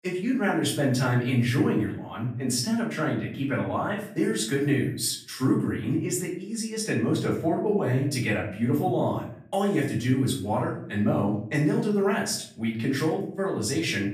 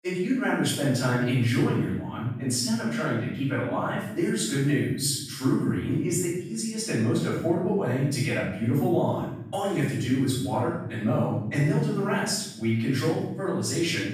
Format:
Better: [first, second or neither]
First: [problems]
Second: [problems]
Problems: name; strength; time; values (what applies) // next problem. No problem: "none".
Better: first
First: room echo; slight; dies away in 0.5 s // off-mic speech; far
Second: room echo; strong; dies away in 0.9 s // off-mic speech; far